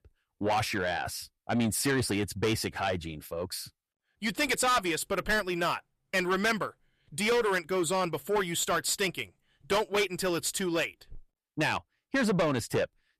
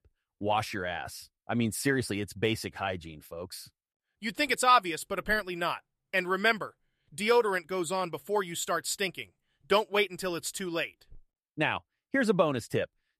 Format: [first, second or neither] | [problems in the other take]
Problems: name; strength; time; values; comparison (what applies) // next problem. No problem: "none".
second | distortion; heavy; 6 dB below the speech